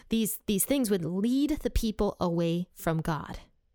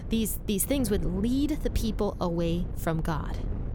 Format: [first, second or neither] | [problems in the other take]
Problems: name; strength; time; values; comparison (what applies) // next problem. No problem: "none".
first | wind noise on the microphone; occasional gusts; 15 dB below the speech